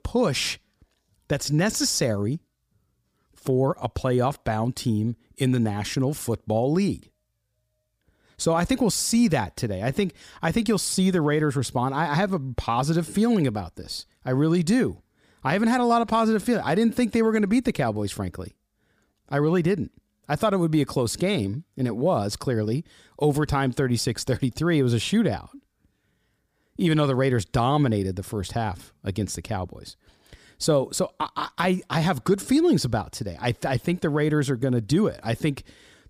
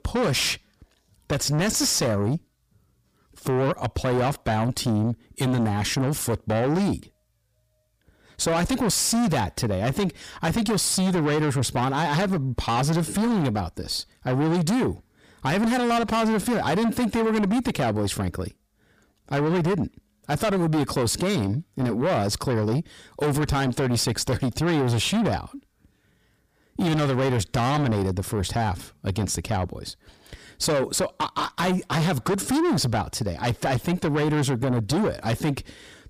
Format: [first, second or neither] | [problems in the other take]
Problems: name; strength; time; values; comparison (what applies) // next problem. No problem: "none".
first | distortion; heavy; 7 dB below the speech